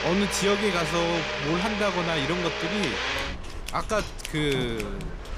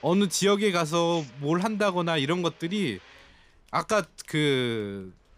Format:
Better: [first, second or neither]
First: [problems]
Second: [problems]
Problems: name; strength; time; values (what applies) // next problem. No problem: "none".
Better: second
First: household noises; loud; throughout; 2 dB below the speech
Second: household noises; faint; throughout; 30 dB below the speech